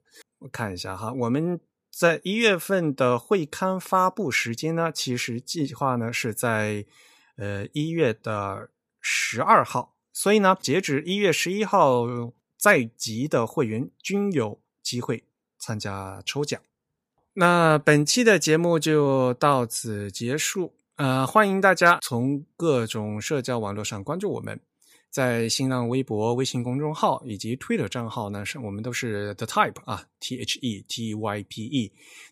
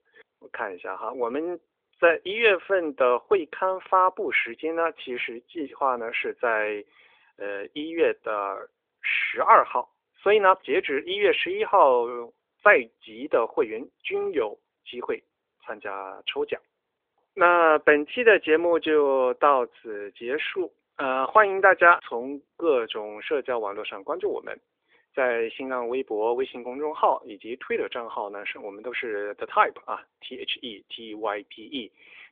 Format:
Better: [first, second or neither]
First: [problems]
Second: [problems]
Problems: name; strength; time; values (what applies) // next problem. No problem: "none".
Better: first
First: none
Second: phone-call audio; nothing above 3.5 kHz